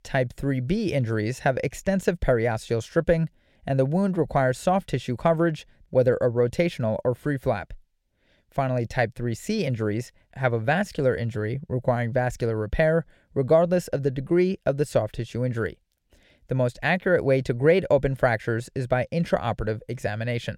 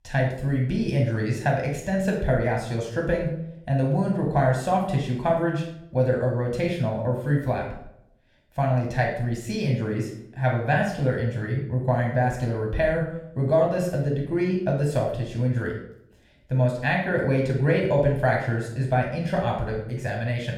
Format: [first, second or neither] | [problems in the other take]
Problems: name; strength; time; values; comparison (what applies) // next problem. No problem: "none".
first | off-mic speech; somewhat distant // room echo; noticeable; dies away in 0.5 s